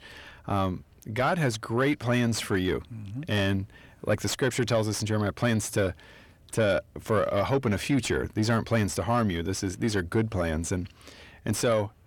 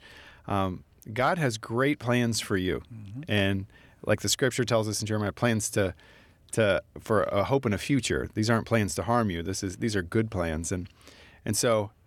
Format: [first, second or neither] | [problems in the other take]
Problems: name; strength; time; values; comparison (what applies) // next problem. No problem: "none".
second | distortion; slight; 10 dB below the speech